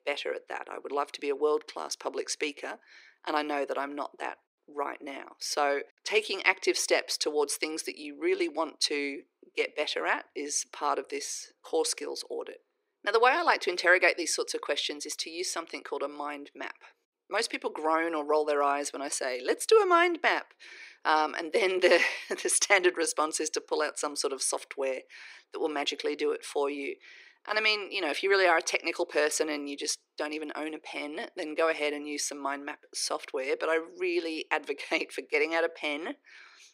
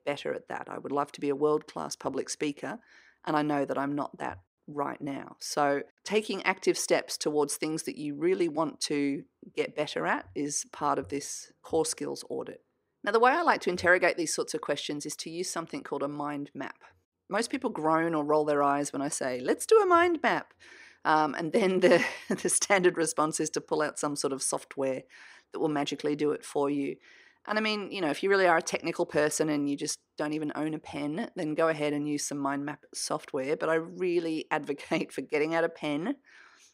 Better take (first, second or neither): second